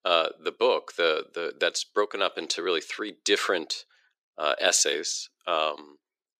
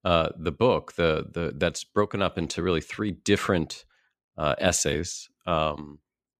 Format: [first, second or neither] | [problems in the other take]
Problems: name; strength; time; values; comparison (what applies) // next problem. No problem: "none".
second | thin; very; fading below 350 Hz